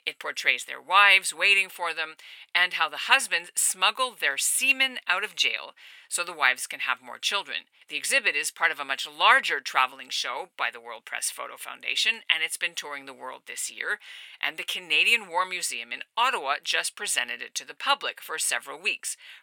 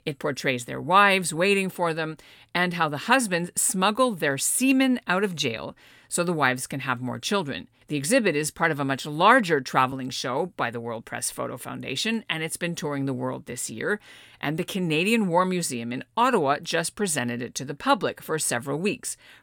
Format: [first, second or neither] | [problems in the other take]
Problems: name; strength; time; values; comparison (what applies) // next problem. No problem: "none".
second | thin; very; fading below 900 Hz